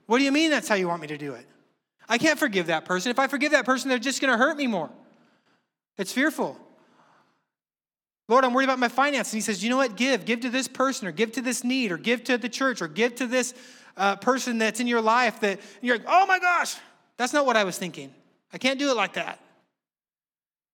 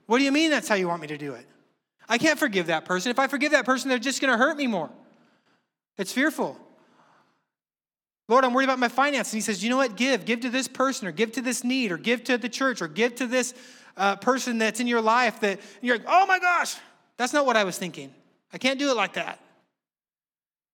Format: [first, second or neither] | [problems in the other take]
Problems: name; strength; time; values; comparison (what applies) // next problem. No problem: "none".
neither | none